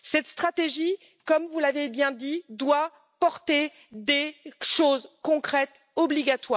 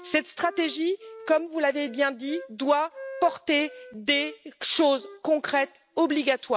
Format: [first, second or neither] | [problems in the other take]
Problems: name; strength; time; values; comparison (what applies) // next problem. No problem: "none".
first | background sound (Wind instrument, woodwind instrument); 19 dB below the speech